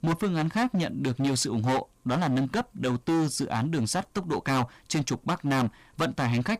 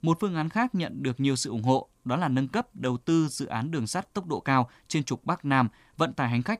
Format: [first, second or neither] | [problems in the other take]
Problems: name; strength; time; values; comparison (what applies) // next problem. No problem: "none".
second | distortion; heavy; 16% of the sound clipped